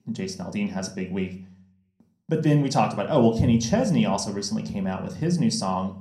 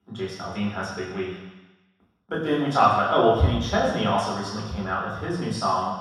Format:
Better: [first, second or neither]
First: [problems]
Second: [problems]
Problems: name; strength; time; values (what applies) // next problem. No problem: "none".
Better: first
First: room echo; slight; dies away in 0.5 s // off-mic speech; somewhat distant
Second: room echo; strong; dies away in 1.2 s // off-mic speech; far